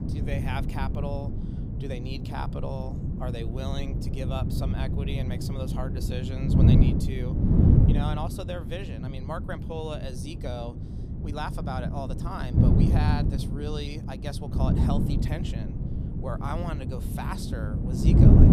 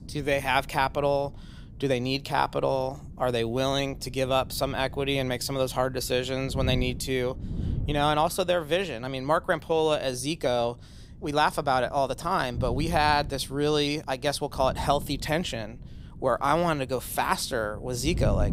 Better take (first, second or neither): second